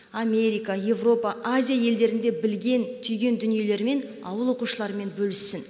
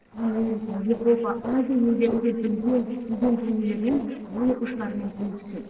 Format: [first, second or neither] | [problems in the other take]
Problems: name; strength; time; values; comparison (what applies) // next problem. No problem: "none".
first | noise reduction (neural separator model SepFormer DNS4)